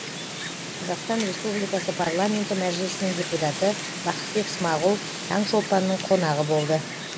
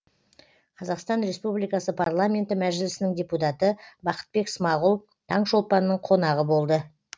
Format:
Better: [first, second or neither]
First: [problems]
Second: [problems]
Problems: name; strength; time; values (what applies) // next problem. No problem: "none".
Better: second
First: background sound (Wind); 7 dB below the speech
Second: none